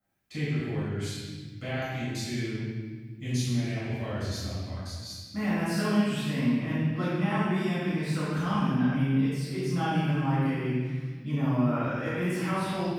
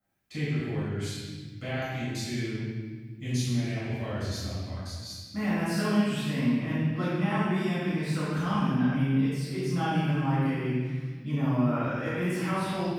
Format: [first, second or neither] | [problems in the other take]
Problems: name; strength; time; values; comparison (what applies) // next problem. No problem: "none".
neither | off-mic speech; far; the same in both // room echo; strong; dies away in 1.6 s; the same in both